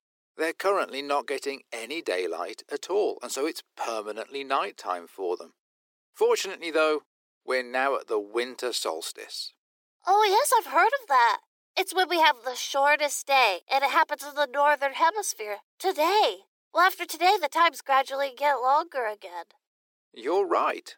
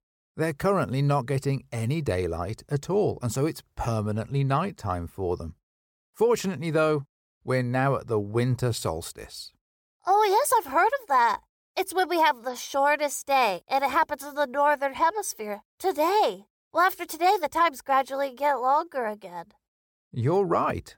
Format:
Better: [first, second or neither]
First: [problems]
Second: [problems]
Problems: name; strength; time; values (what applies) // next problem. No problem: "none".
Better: second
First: thin; very; fading below 300 Hz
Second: none